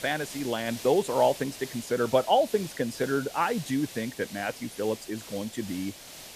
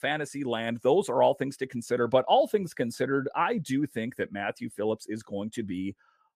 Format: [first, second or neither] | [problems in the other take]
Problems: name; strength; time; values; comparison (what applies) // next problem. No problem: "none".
second | hiss; noticeable; throughout; 15 dB below the speech